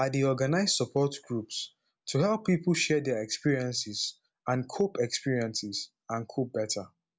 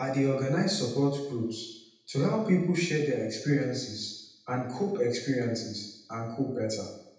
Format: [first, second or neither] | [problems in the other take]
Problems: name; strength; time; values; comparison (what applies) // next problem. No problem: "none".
first | room echo; dies away in 0.8 s